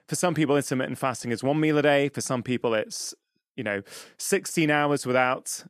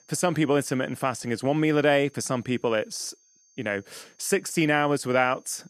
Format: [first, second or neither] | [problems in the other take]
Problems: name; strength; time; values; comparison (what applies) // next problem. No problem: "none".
first | high-pitched whine; faint; throughout; 6.5 kHz, 35 dB below the speech